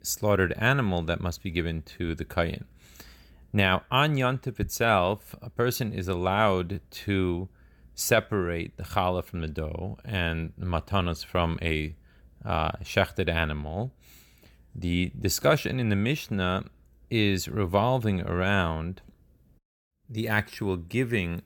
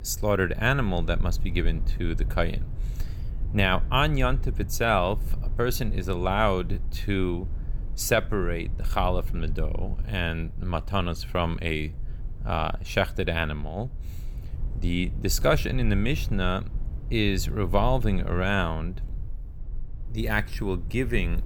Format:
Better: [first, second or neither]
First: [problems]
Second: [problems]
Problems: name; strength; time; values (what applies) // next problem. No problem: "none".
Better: first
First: none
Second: low rumble; faint; throughout; 25 dB below the speech